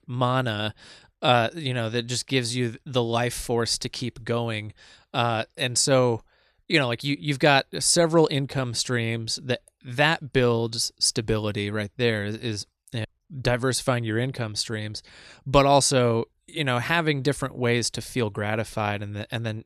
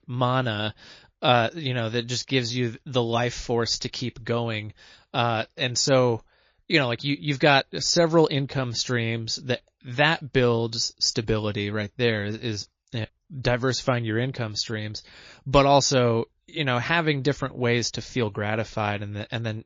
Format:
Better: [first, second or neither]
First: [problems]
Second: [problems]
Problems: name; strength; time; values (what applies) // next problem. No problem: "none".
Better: first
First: none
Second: garbled, watery; slightly